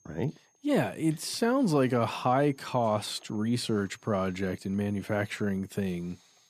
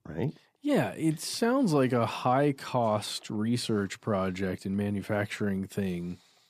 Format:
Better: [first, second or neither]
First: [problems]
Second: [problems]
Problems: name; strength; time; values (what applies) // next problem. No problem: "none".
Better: second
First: high-pitched whine; faint; throughout; 6.5 kHz, 35 dB below the speech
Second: none